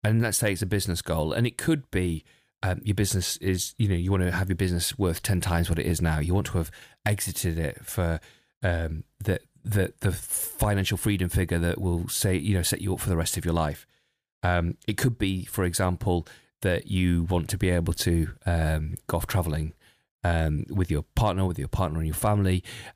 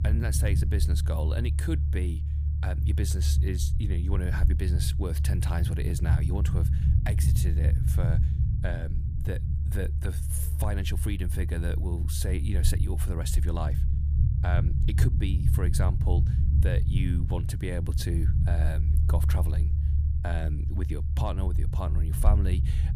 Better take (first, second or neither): first